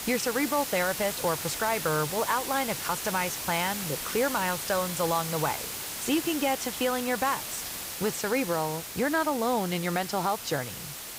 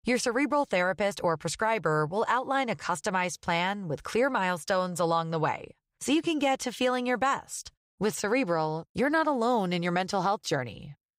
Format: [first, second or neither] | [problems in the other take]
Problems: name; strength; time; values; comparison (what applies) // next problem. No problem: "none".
second | hiss; loud; throughout; 5 dB below the speech